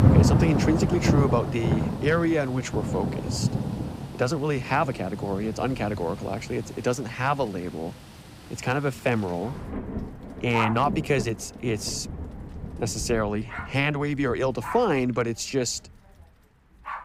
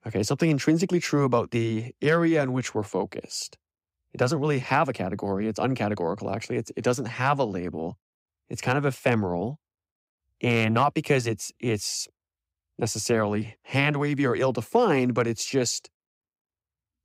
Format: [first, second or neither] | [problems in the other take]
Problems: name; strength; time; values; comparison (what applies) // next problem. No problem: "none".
second | rain or running water; loud; throughout; 2 dB below the speech